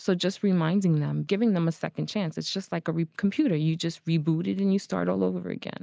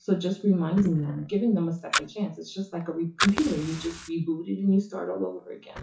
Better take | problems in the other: first | noise reduction (classical method WPE with log-MMSE)

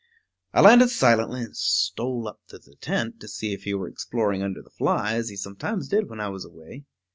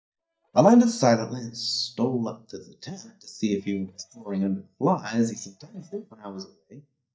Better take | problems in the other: first | noise reduction (neural mask model DeepFilterNet 3)

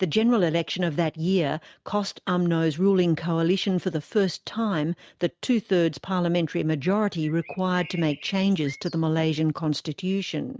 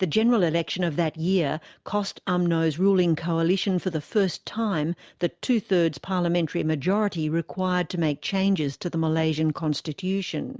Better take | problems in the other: second | noise reduction (neural mask model RNNoise)

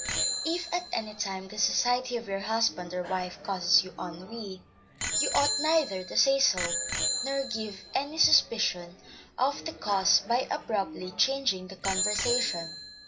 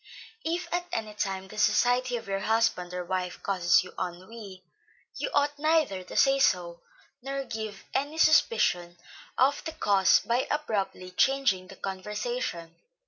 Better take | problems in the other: second | background sound (Bicycle bell); 6 dB below the speech // room echo; dies away in 0.5 s

